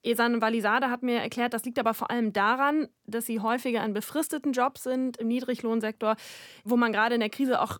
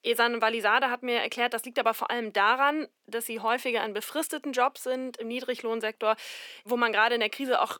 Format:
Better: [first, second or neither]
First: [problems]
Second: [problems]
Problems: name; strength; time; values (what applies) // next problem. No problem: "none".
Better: first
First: none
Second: thin; somewhat; fading below 450 Hz